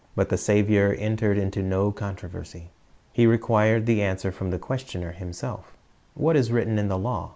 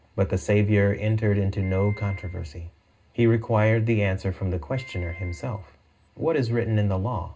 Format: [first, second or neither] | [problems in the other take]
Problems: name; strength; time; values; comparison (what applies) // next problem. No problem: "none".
first | background sound (Piano); 19 dB below the speech // room echo; dies away in 0.2 s